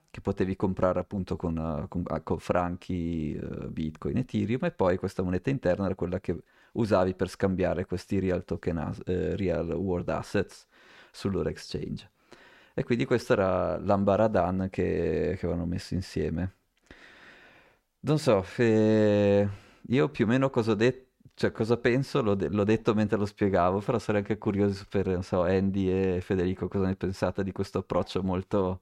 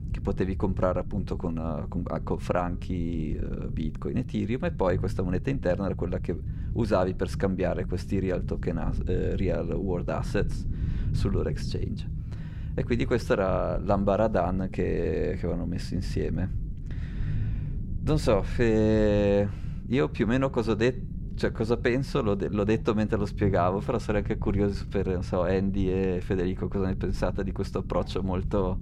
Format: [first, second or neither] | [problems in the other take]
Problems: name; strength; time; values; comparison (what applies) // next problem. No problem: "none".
first | low rumble; noticeable; throughout; 20 dB below the speech